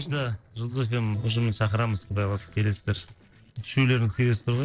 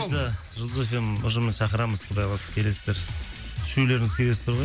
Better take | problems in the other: second | noise reduction (neural separator model SepFormer DNS4)

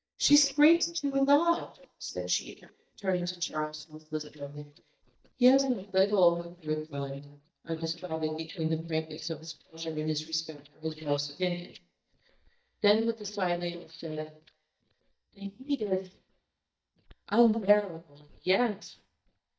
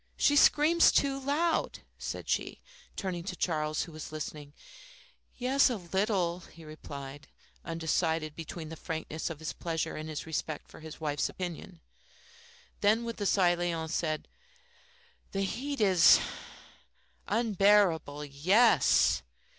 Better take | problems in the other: second | noise reduction (neural mask model DeepFilterNet 3)

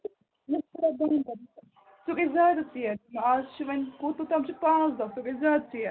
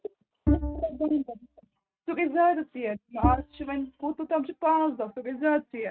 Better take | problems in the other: first | noise reduction (neural mask model RNNoise)

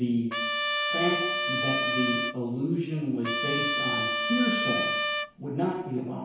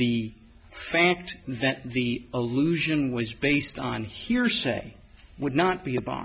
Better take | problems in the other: second | background sound (Trumpet); 1 dB above the speech // room echo; dies away in 1 s

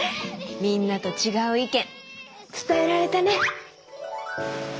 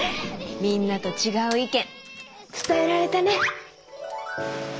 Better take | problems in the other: first | background sound (Explosion + Slam); 17 dB below the speech

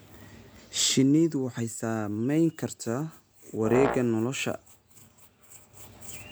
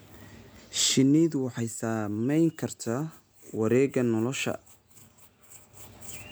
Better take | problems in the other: second | background sound (Brass instrument); 6 dB below the speech

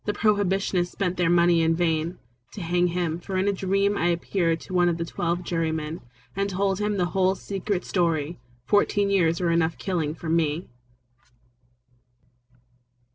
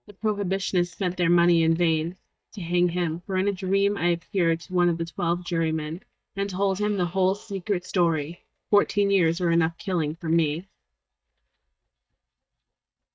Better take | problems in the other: first | noise reduction (neural mask model DeepFilterNet 3)

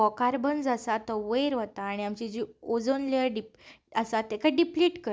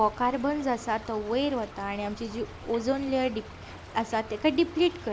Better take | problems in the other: first | background sound (Stream / Trickle, dribble); 15 dB below the speech

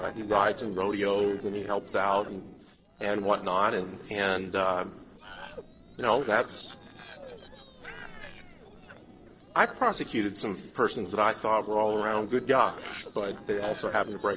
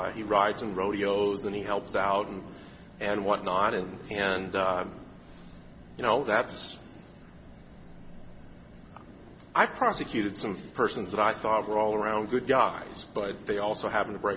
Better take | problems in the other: second | noise reduction (neural separator model SepFormer DNS4)

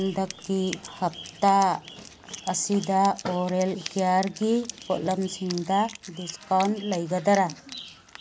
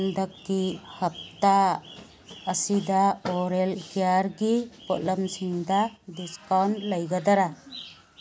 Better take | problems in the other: second | background sound (Wind instrument, woodwind instrument); 18 dB below the speech

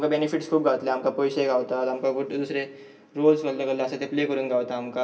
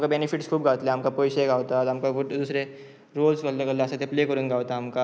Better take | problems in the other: second | room echo; dies away in 0.2 s

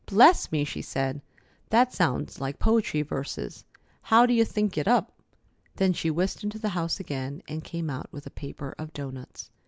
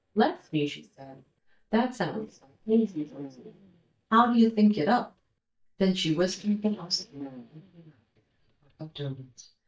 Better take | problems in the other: first | noise reduction (neural mask model DeepFilterNet 3)

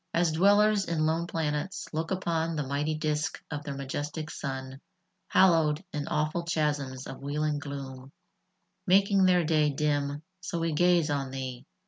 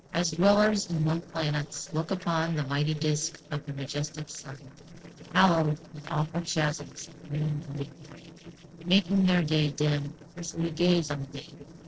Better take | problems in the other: first | noise reduction (neural separator model SepFormer DNS4)

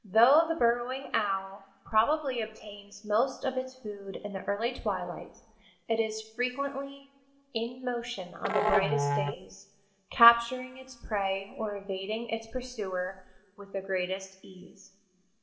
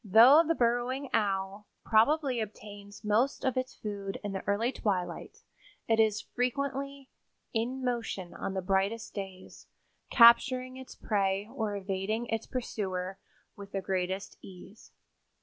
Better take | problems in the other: second | background sound (Musical instrument); 2 dB below the speech // room echo; dies away in 1.7 s

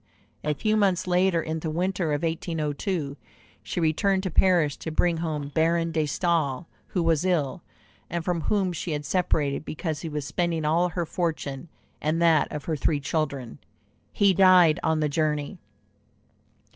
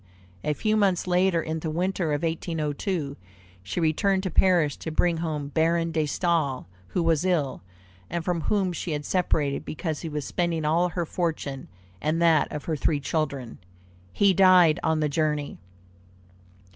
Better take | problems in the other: second | noise reduction (neural separator model SepFormer DNS4)

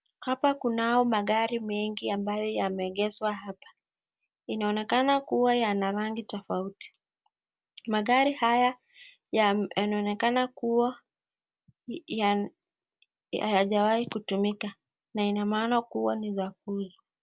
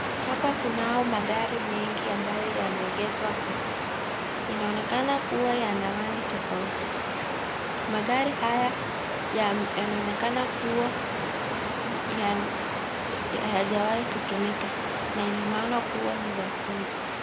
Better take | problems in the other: first | background sound (Waves, surf); as loud as the speech

